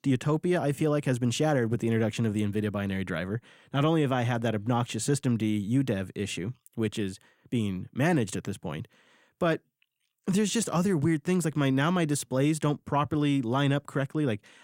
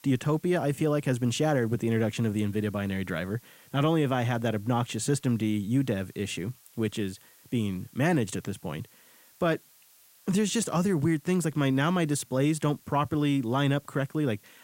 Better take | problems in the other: first | hiss; faint; throughout; 25 dB below the speech

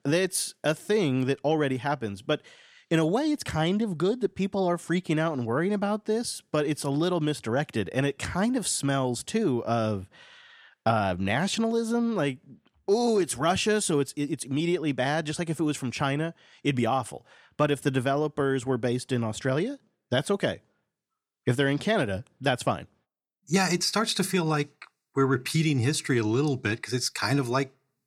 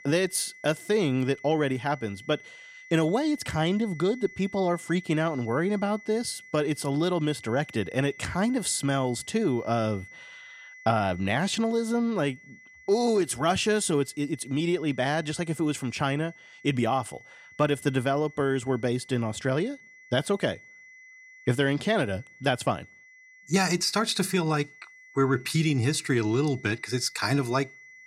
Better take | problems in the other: first | high-pitched whine; faint; throughout; 2 kHz, 20 dB below the speech

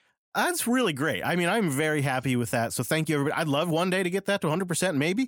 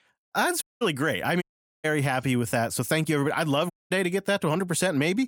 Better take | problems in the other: first | audio cutting out; at 0.5 s, at 1.5 s and at 3.5 s

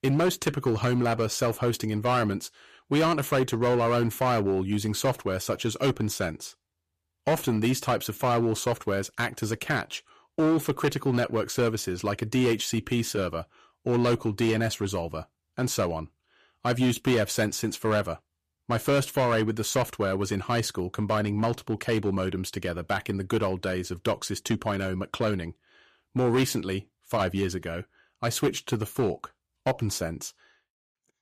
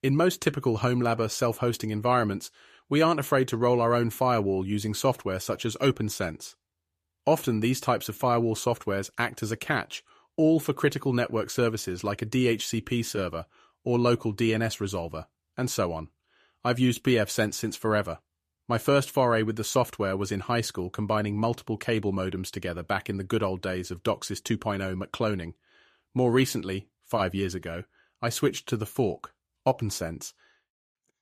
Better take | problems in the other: second | distortion; slight; 6% of the sound clipped

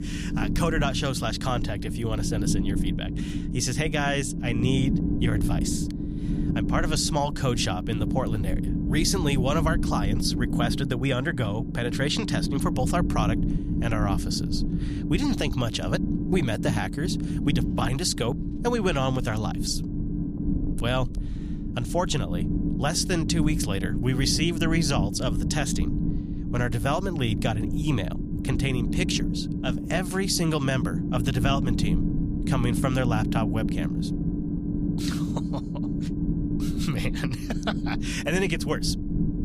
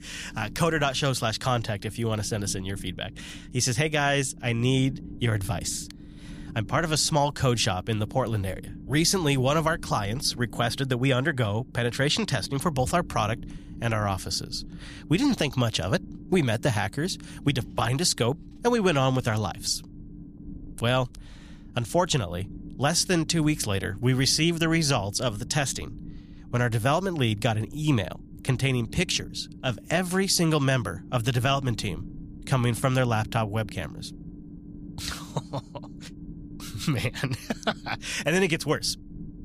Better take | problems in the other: second | low rumble; loud; throughout; 6 dB below the speech; faint in the second

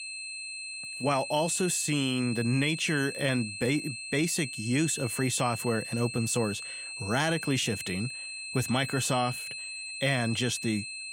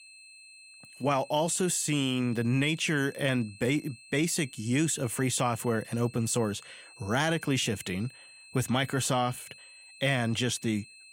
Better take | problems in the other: second | high-pitched whine; loud; throughout; 2.5 kHz, 7 dB below the speech; faint in the second

